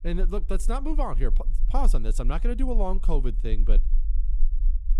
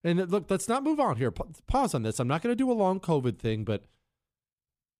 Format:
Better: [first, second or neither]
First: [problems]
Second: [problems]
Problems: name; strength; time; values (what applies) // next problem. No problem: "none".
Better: second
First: low rumble; faint; throughout; 20 dB below the speech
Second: none